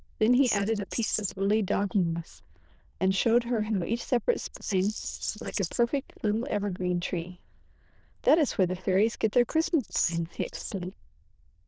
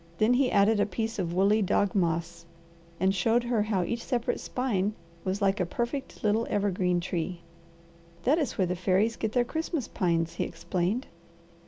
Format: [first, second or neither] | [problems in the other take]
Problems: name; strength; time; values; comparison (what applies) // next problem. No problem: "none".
second | noise reduction (neural diffusion model UNIVERSE++)